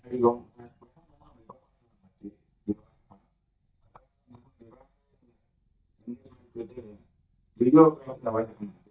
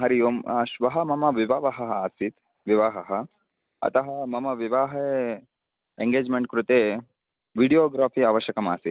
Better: second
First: noise reduction (neural mask model DeepFilterNet 3)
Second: none

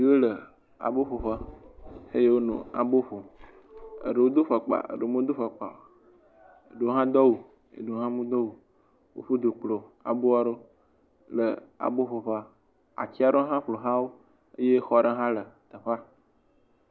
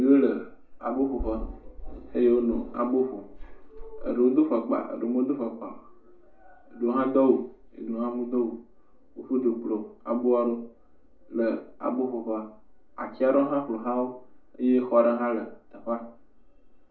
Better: first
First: none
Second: room echo; dies away in 0.3 s

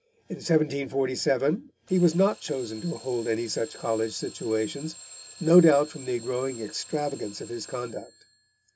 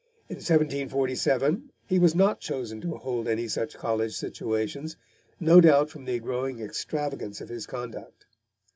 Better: second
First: background sound (Alarm / Clock); 19 dB below the speech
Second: none

